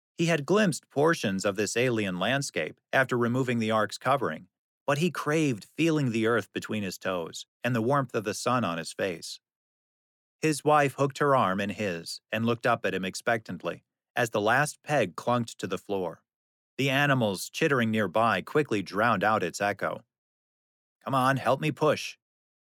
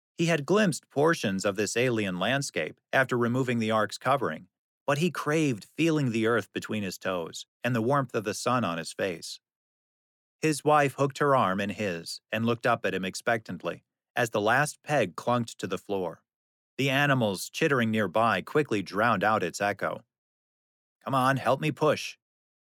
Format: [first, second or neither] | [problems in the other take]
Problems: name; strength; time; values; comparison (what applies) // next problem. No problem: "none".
neither | none